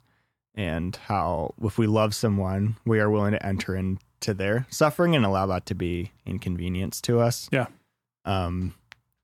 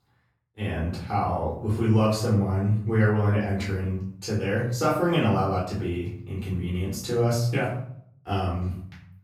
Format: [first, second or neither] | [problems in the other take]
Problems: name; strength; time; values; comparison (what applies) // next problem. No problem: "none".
first | off-mic speech; far // room echo; noticeable; dies away in 0.5 s